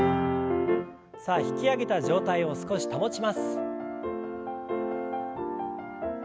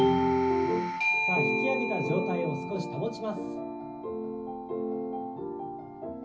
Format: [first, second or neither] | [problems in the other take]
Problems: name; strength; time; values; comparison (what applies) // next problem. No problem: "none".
first | background sound (Doorbell); 4 dB below the speech // room echo; dies away in 0.5 s